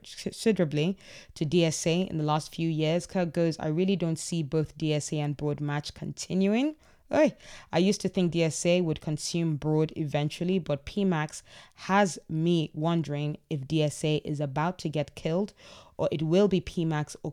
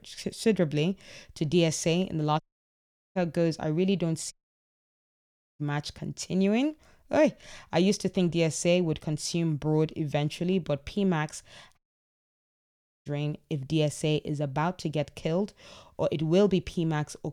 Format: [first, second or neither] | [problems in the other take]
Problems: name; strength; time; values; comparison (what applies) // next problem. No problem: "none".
first | audio cutting out; at 2.5 s for 1 s, at 4.5 s for 1.5 s and at 12 s for 1.5 s